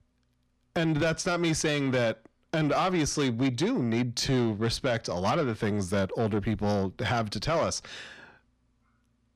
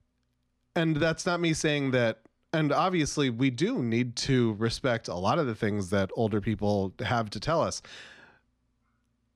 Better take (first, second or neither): second